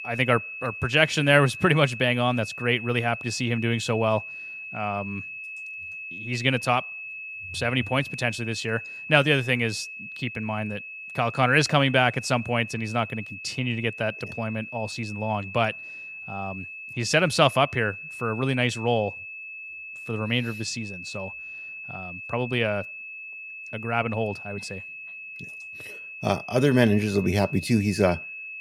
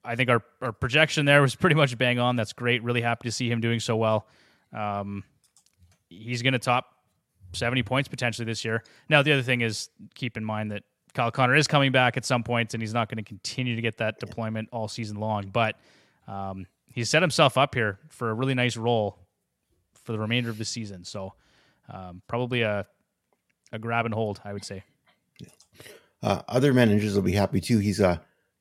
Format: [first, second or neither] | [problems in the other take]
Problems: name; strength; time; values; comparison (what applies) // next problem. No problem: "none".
second | high-pitched whine; noticeable; throughout; 2.5 kHz, 10 dB below the speech